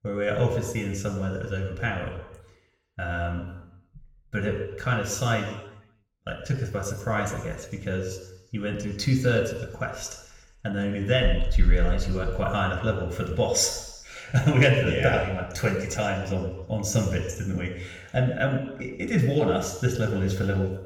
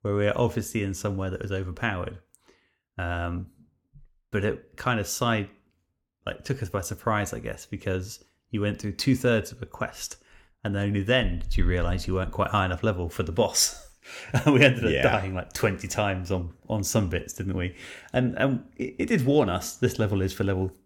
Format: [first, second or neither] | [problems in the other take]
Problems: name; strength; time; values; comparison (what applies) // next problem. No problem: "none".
second | room echo; noticeable; dies away in 1 s // off-mic speech; somewhat distant